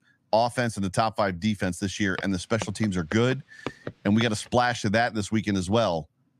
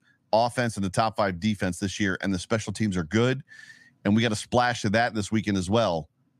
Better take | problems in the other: second | footsteps; faint; from 2 to 4 s; peak 10 dB below the speech

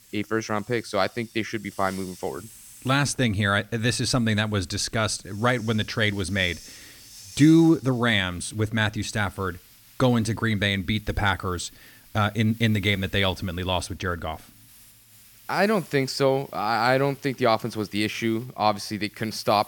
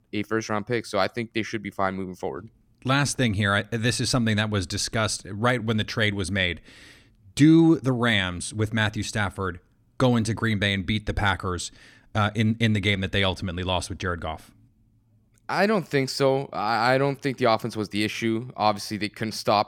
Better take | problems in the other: second | hiss; faint; throughout; 25 dB below the speech

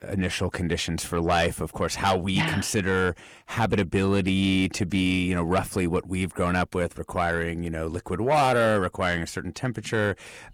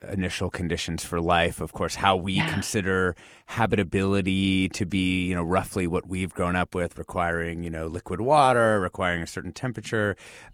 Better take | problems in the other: second | distortion; slight; 10 dB below the speech

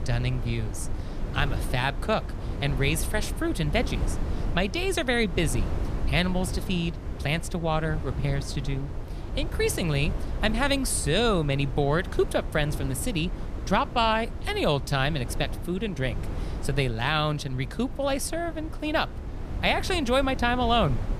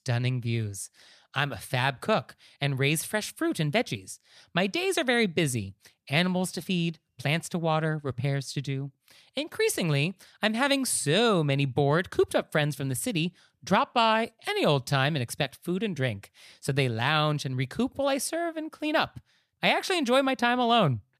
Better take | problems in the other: second | wind noise on the microphone; occasional gusts; 15 dB below the speech

